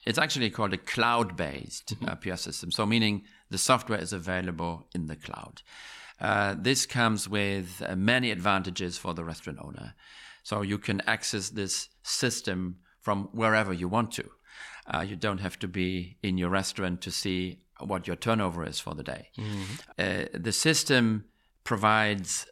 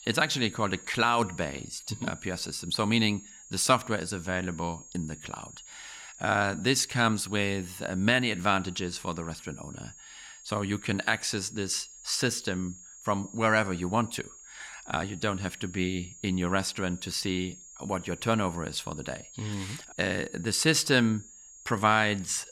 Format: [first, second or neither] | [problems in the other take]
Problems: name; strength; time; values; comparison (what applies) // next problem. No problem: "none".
first | high-pitched whine; noticeable; throughout; 6.5 kHz, 20 dB below the speech